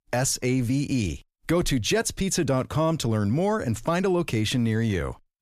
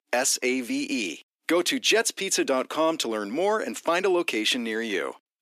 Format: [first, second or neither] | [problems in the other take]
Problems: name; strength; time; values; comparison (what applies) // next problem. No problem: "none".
first | thin; somewhat; fading below 300 Hz